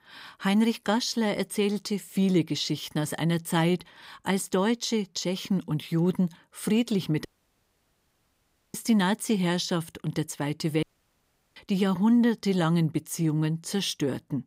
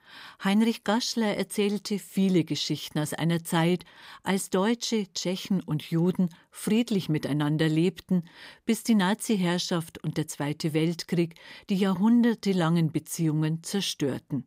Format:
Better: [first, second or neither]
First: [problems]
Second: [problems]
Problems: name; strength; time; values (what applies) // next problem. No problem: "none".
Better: second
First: audio cutting out; at 7.5 s for 1.5 s and at 11 s for 0.5 s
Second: none